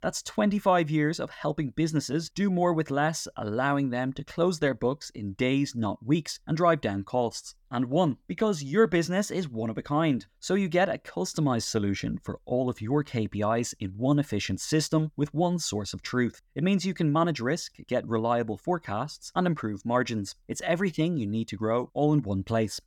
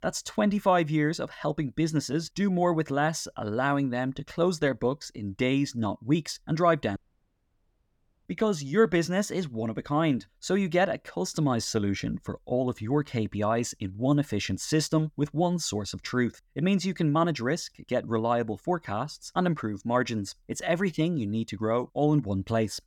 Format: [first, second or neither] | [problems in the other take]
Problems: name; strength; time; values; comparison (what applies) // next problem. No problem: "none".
first | audio cutting out; at 7 s for 1.5 s